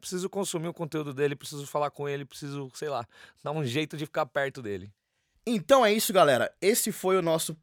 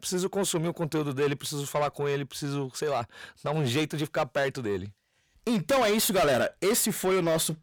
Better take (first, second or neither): first